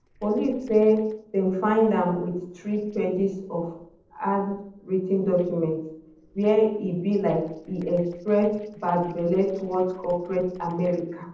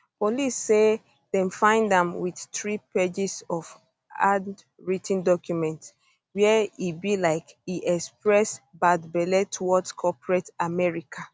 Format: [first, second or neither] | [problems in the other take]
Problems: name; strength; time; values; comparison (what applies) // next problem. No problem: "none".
second | noise reduction (neural separator model SepFormer DNS4)